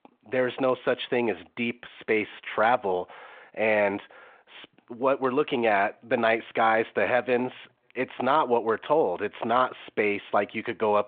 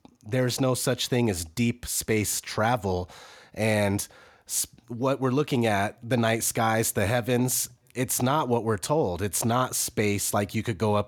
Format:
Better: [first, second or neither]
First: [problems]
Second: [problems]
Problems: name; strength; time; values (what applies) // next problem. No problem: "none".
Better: second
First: phone-call audio; nothing above 3.5 kHz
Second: none